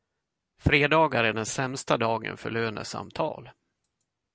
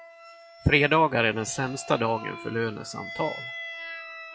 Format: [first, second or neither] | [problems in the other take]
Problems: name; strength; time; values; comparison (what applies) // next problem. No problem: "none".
first | noise reduction (classical method log-MMSE)